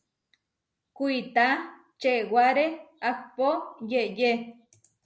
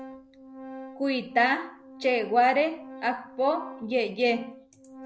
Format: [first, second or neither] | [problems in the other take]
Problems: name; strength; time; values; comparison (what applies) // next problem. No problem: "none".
first | background sound (Organ); 16 dB below the speech